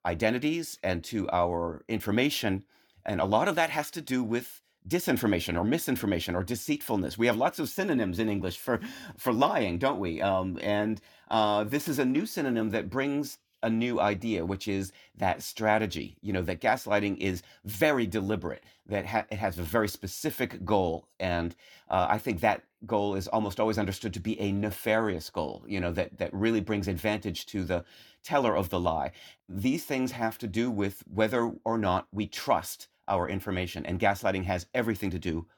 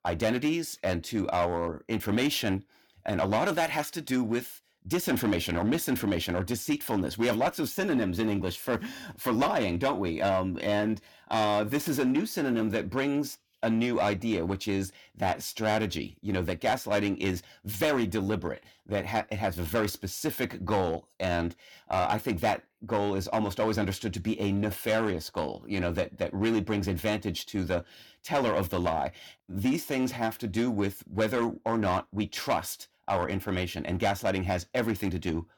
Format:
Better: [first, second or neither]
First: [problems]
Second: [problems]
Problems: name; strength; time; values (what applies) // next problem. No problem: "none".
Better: first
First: none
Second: distortion; slight; 5% of the sound clipped